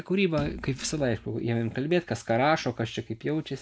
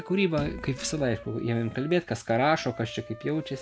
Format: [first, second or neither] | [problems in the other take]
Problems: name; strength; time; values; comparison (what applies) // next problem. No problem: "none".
first | background sound (Wind instrument, woodwind instrument); 18 dB below the speech